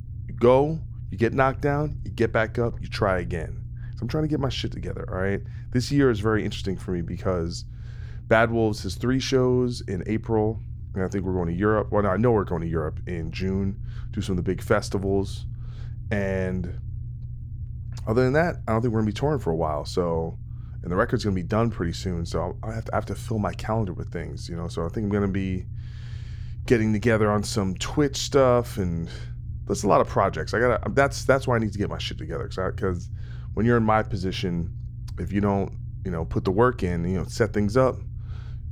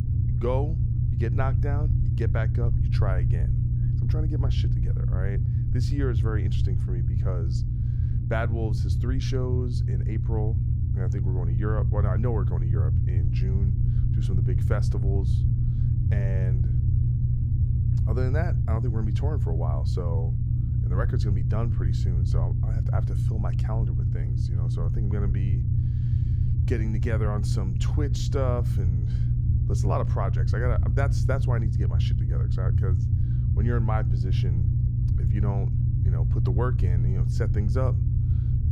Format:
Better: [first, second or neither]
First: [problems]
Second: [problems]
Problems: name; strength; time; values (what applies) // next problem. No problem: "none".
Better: first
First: low rumble; faint; throughout; 25 dB below the speech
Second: low rumble; loud; throughout; 2 dB below the speech